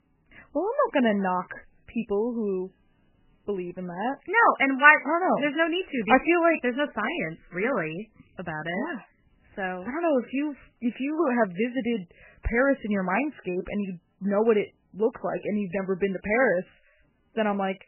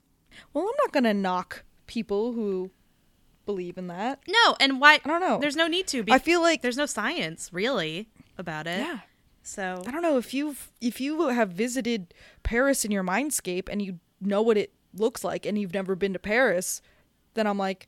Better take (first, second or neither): second